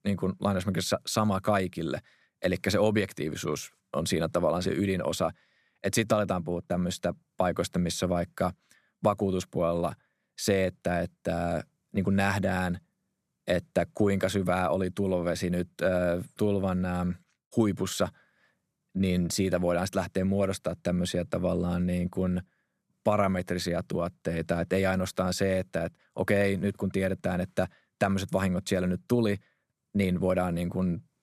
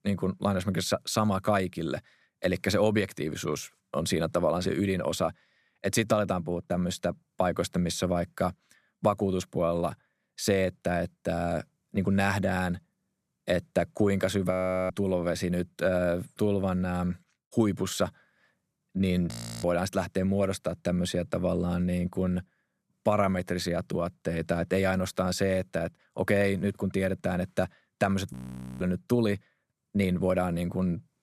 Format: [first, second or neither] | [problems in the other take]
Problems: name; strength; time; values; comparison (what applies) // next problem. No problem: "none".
first | audio freezing; at 15 s, at 19 s and at 28 s